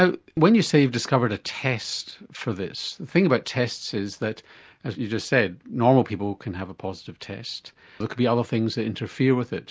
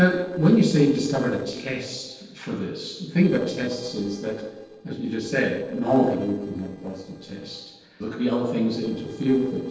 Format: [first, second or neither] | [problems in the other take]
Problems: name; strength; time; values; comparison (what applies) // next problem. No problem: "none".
first | noise reduction (neural separator model SepFormer DNS4)